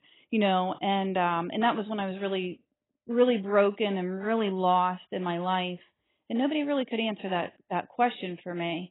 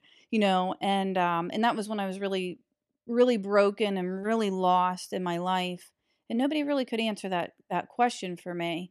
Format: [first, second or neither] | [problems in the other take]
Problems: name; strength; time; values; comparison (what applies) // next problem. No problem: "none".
second | garbled, watery; badly; nothing above 3.5 kHz